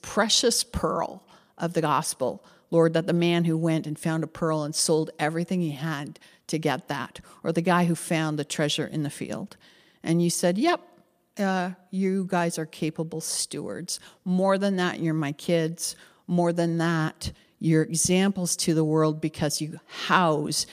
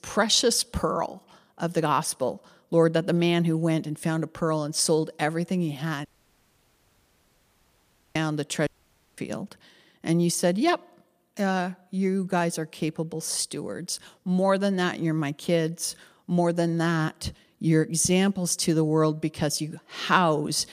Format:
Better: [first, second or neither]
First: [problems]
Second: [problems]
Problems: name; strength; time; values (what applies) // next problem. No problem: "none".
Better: first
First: none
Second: audio cutting out; at 6 s for 2 s and at 8.5 s for 0.5 s